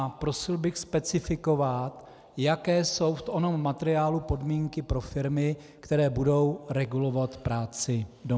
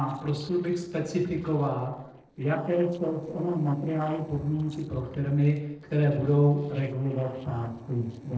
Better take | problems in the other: first | noise reduction (neural separator model SepFormer DNS4)

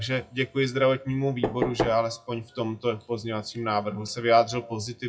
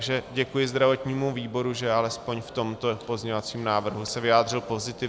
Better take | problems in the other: second | noise reduction (classical method WPE with log-MMSE)

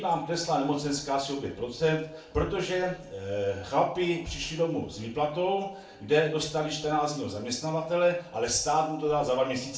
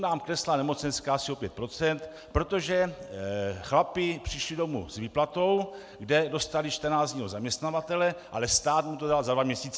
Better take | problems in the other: second | room echo; dies away in 0.4 s

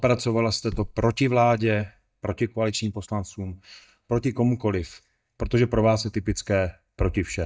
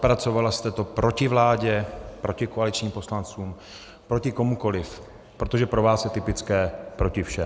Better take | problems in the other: second | noise reduction (neural mask model DeepFilterNet 3)

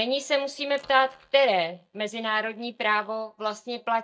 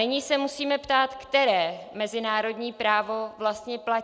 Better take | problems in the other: second | noise reduction (neural mask model DeepFilterNet 3)

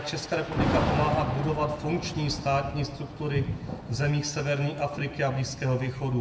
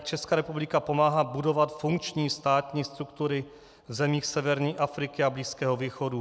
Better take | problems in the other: second | background sound (Thunder / Rain); 4 dB below the speech // room echo; dies away in 0.8 s

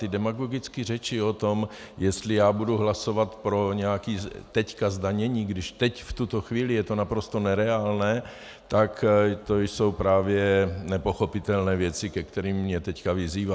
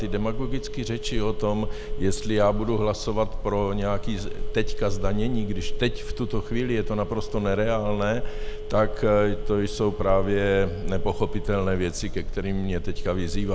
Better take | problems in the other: first | background sound (Telephone); 1 dB below the speech

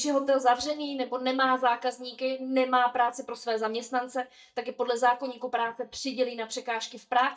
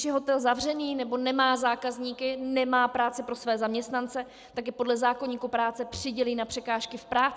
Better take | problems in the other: second | noise reduction (neural mask model DeepFilterNet 3)

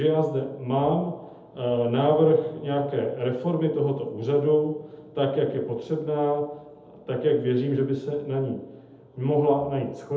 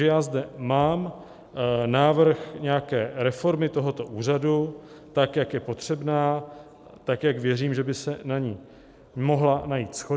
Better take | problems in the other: second | room echo; dies away in 0.7 s

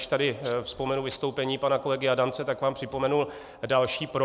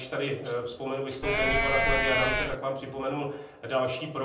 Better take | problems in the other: first | background sound (Livestock, farm animals, working animals); 5 dB above the speech // room echo; dies away in 0.6 s

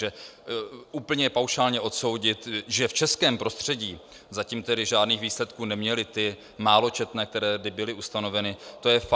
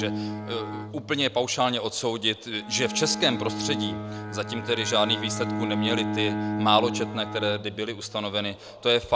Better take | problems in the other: first | background sound (Bowed string instrument); 5 dB below the speech

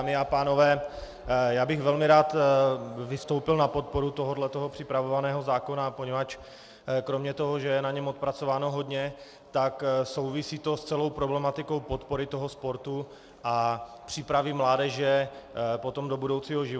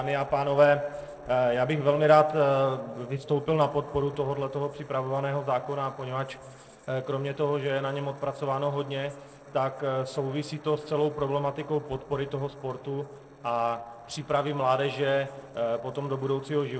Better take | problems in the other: first | noise reduction (neural separator model SepFormer DNS4)

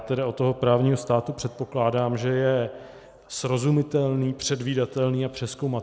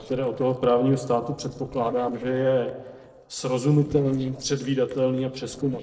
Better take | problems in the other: first | noise reduction (neural separator model SepFormer DNS4)

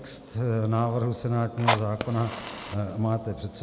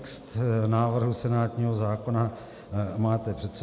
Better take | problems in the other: second | background sound (Fire); 4 dB below the speech

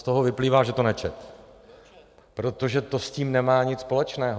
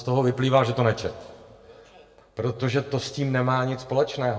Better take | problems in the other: first | room echo; dies away in 0.5 s

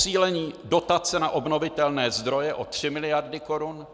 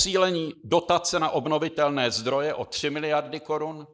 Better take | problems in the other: first | noise reduction (neural mask model Resemble Enhance denoiser)

